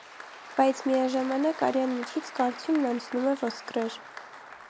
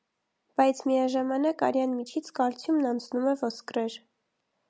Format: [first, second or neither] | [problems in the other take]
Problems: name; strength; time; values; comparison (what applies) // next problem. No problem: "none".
second | background sound (Applause); 14 dB below the speech